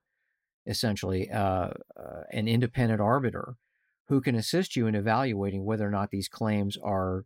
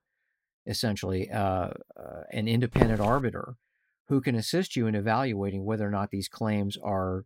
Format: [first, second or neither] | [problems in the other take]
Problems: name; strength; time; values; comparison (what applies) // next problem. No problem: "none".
first | footsteps; loud; at 3 s; peak 1 dB above the speech